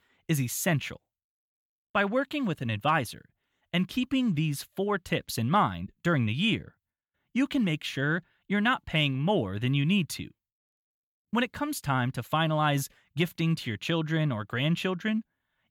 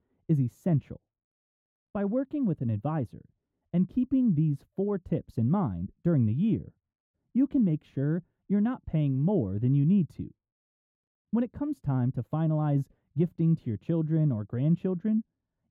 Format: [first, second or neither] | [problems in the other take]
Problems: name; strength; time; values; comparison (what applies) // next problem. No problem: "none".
first | muffled; very; fading above 1 kHz